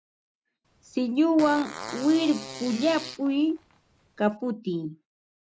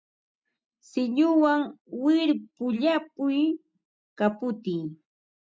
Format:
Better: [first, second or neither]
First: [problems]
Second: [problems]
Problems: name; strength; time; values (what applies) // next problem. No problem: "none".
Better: second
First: background sound (Fart); 14 dB below the speech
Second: none